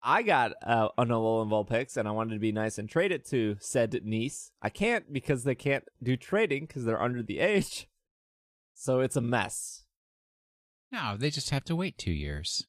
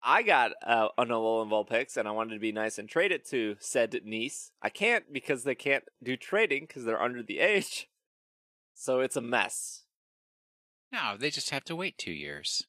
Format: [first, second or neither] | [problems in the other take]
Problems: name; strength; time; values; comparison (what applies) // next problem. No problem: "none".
first | thin; somewhat; fading below 300 Hz